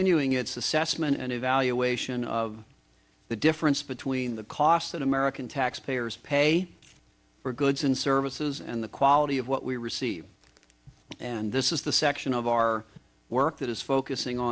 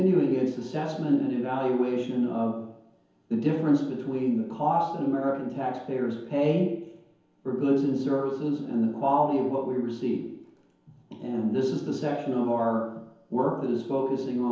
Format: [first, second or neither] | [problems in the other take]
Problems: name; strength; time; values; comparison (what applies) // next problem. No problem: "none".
first | room echo; dies away in 0.9 s